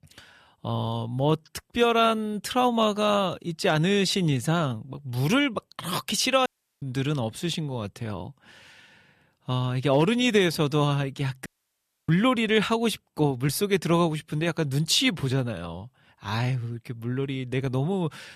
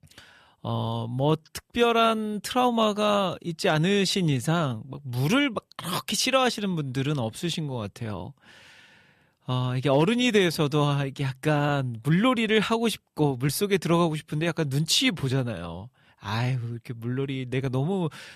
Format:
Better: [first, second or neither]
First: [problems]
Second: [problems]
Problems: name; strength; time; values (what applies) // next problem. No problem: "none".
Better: second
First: audio cutting out; at 6.5 s and at 11 s for 0.5 s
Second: none